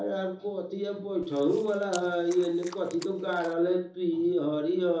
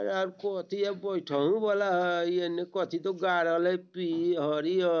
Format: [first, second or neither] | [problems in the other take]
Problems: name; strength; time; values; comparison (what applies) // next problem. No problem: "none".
second | background sound (Chewing, mastication); 19 dB below the speech // room echo; dies away in 1.2 s